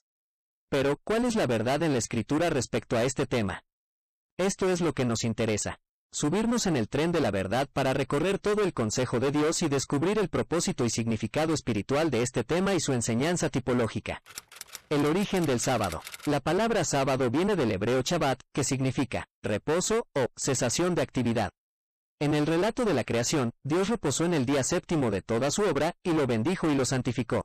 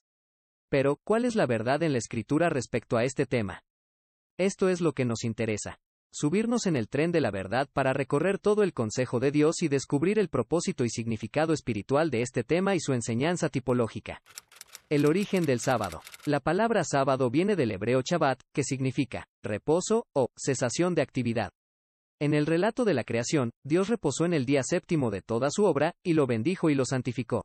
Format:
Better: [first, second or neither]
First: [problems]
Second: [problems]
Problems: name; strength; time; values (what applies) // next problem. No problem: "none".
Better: second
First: distortion; heavy; 25% of the sound clipped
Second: none